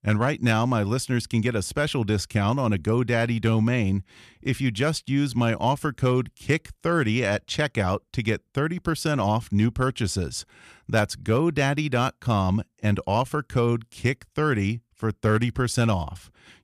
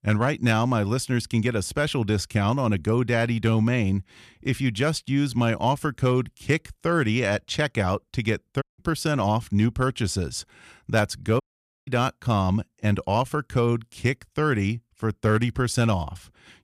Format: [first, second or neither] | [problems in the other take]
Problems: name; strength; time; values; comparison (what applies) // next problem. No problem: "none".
first | audio cutting out; at 8.5 s and at 11 s